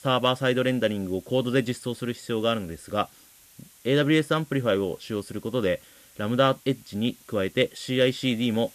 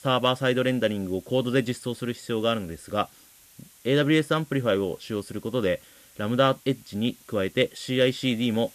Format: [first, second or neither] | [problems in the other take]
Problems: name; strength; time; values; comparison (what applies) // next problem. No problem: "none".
neither | hiss; faint; throughout; 25 dB below the speech; the same in both